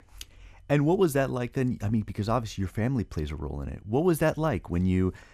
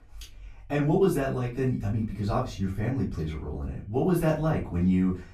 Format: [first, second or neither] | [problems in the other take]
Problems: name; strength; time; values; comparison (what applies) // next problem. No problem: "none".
first | off-mic speech; far // room echo; slight; dies away in 0.2 s